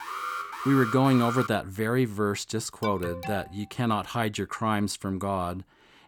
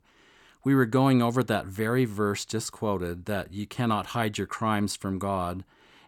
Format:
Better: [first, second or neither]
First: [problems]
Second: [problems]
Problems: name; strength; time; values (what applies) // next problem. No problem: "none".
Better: second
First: alarm; noticeable; until 1.5 s and at 3 s; peak 5 dB below the speech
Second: none